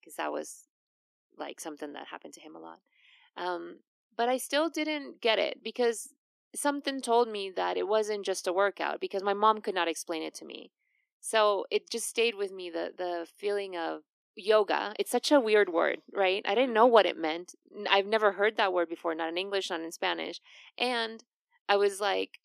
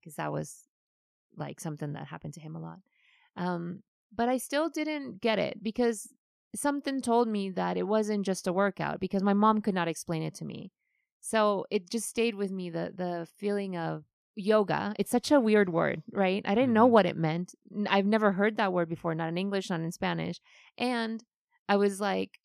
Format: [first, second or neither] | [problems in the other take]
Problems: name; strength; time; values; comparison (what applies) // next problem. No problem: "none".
second | thin; somewhat; fading below 300 Hz